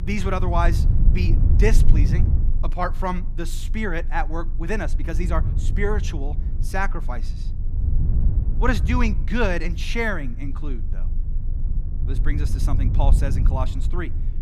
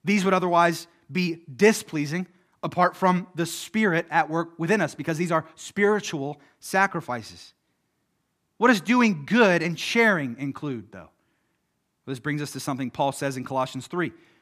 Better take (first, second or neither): second